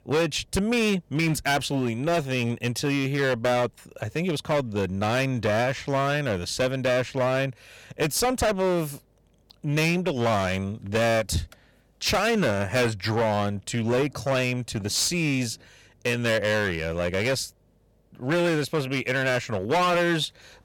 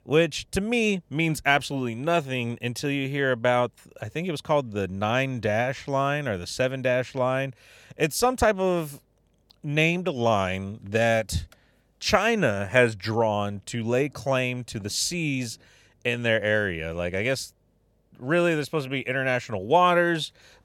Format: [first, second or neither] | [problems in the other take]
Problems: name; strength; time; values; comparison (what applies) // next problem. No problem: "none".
second | distortion; heavy; 14% of the sound clipped